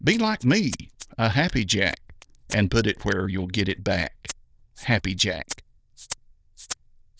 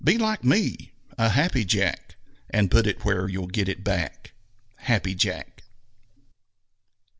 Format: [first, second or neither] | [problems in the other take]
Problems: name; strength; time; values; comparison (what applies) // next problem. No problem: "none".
second | noise reduction (neural diffusion model UNIVERSE++)